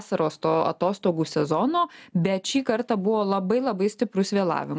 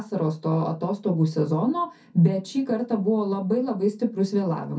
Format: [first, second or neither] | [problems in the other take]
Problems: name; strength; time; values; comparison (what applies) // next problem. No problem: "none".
first | room echo; dies away in 0.3 s